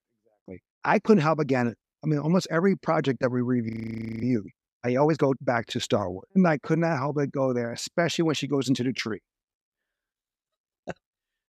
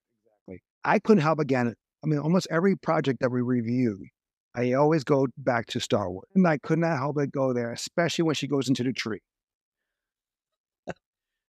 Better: second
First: audio freezing; at 3.5 s for 0.5 s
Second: none

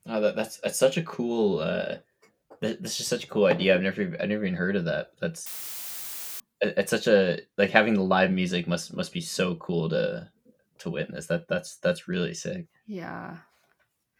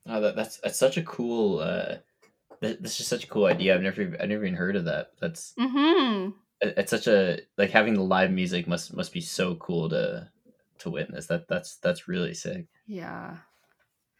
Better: second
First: audio cutting out; filled with static; at 5.5 s for 1 s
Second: none

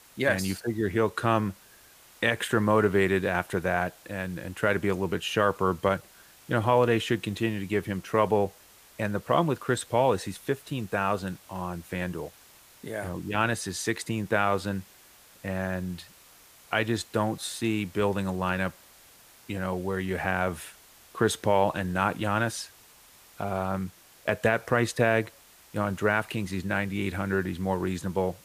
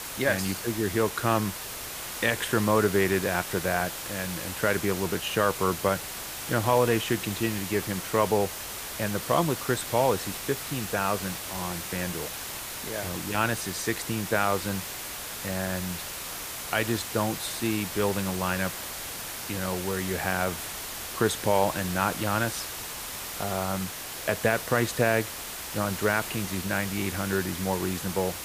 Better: first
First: hiss; faint; throughout; 25 dB below the speech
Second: hiss; loud; throughout; 6 dB below the speech

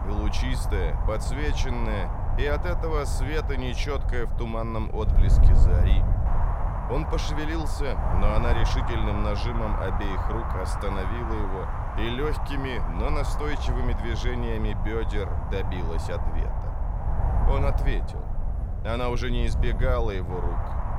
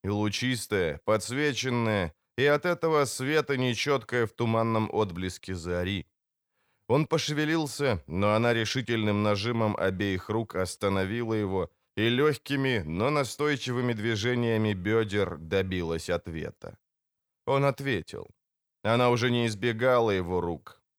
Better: second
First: wind noise on the microphone; heavy; 3 dB below the speech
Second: none

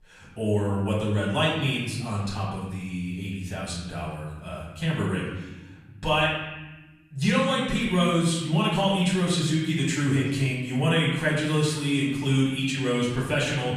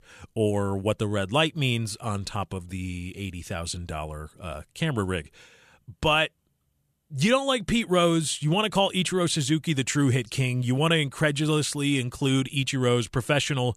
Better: second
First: off-mic speech; far // room echo; noticeable; dies away in 1.1 s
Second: none

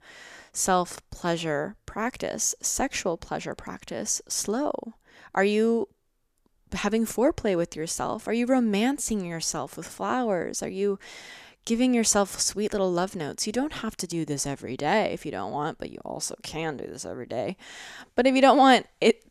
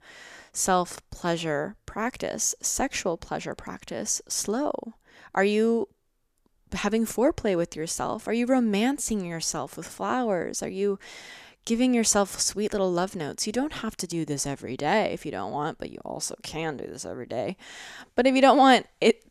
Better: neither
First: none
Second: none

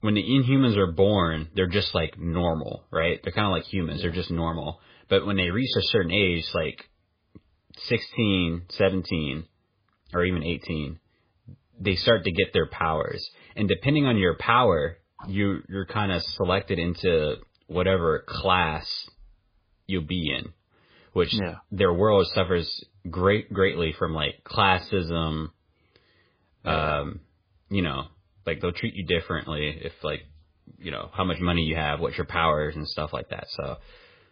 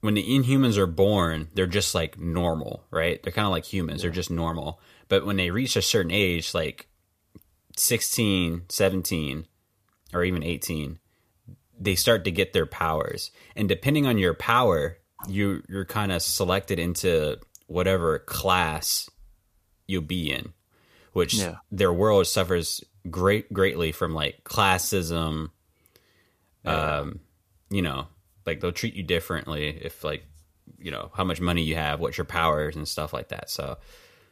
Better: second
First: garbled, watery; badly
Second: none

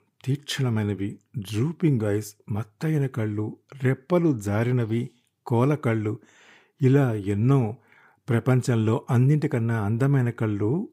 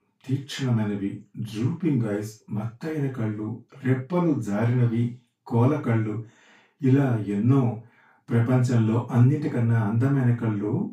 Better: first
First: none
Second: room echo; noticeable; dies away in 0.2 s // off-mic speech; far

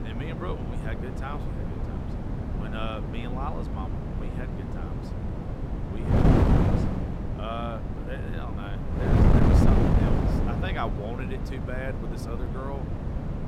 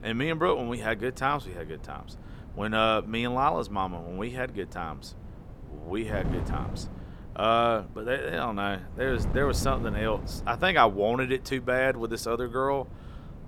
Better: second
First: wind noise on the microphone; heavy; 3 dB above the speech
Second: wind noise on the microphone; occasional gusts; 20 dB below the speech

